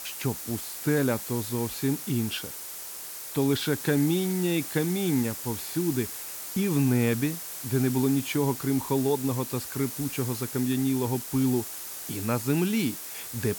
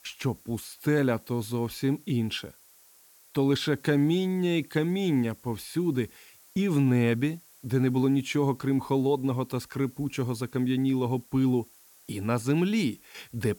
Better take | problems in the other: second | hiss; loud; throughout; 7 dB below the speech; faint in the second

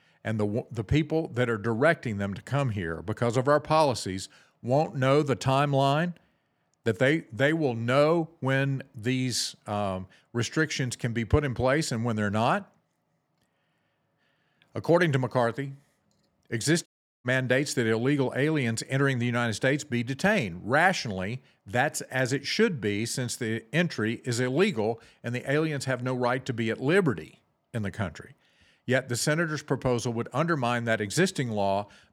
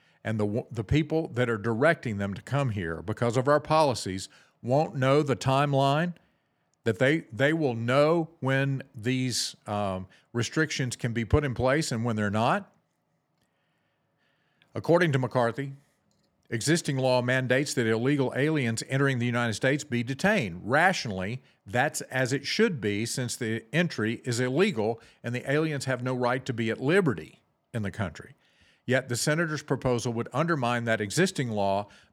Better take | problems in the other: second | audio cutting out; at 17 s

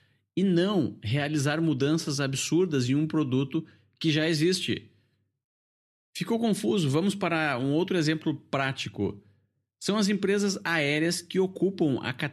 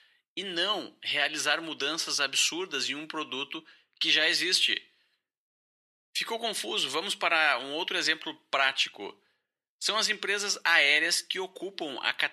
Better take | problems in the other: first | thin; very; fading below 850 Hz

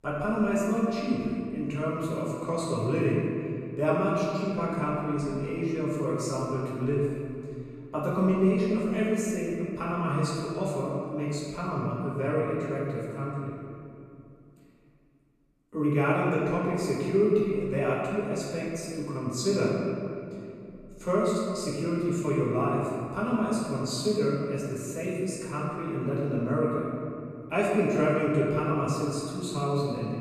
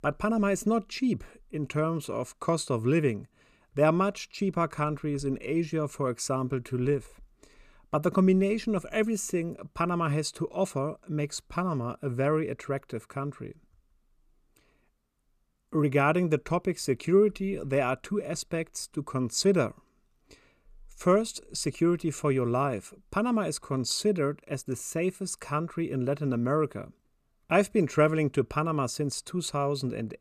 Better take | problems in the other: second | off-mic speech; far // room echo; strong; dies away in 2.4 s

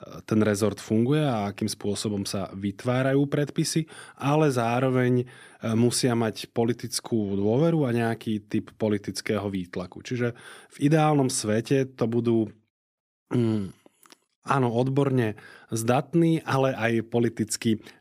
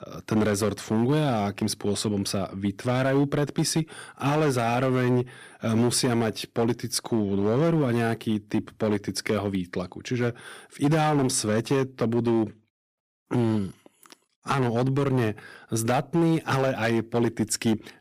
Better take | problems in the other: first | distortion; slight; 8% of the sound clipped

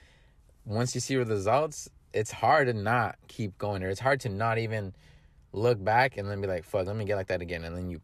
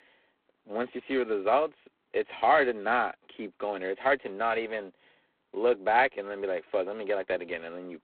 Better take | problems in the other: first | phone-call audio; poor line; nothing above 4 kHz

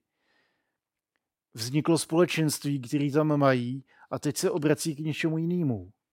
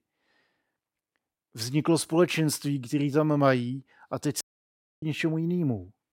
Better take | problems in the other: first | audio cutting out; at 4.5 s for 0.5 s

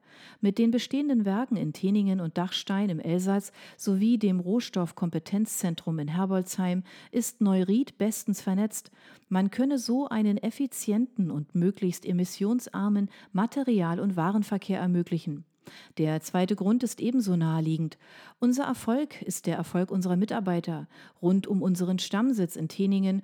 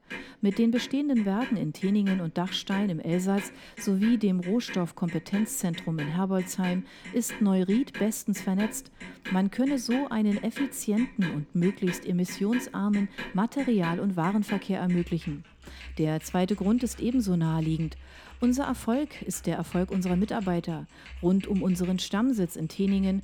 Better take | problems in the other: first | household noises; noticeable; throughout; 15 dB below the speech

